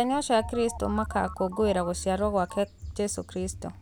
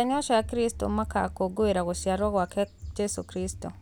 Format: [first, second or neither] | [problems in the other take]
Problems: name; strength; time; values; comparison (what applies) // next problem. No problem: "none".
second | background sound (Telephone); 16 dB below the speech